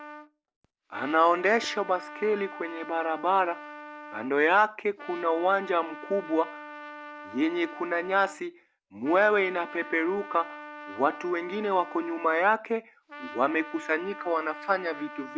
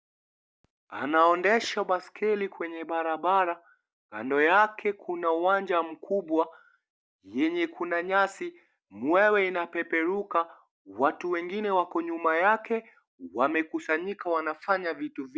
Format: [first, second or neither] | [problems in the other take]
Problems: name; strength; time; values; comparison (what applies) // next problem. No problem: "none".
second | background sound (Trumpet); 15 dB below the speech